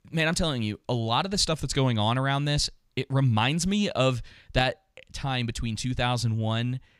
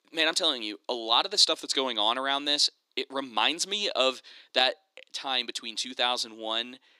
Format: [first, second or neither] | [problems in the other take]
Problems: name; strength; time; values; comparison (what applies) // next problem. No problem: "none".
first | thin; very; fading below 300 Hz